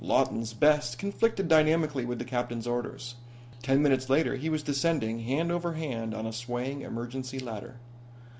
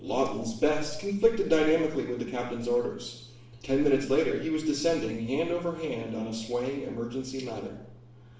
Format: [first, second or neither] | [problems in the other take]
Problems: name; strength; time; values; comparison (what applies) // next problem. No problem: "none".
first | room echo; dies away in 0.7 s